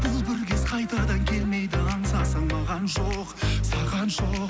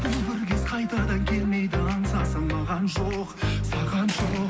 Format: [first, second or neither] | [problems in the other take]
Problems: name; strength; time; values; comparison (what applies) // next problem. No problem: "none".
first | background sound (Slam); 17 dB below the speech // room echo; dies away in 0.2 s